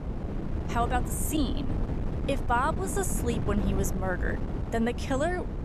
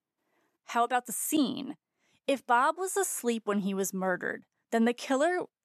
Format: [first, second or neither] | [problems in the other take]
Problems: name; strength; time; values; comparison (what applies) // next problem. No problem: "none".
second | wind noise on the microphone; heavy; 9 dB below the speech